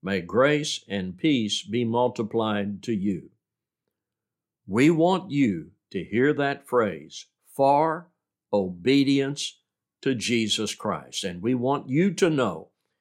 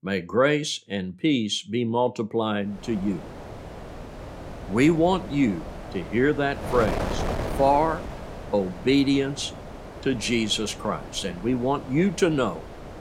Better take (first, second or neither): first